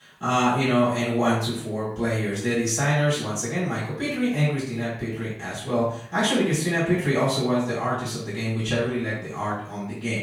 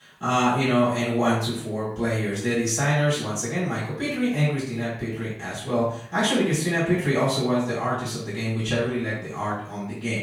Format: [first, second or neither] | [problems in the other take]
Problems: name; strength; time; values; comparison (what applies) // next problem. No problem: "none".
neither | off-mic speech; far; the same in both // room echo; noticeable; dies away in 0.6 s; the same in both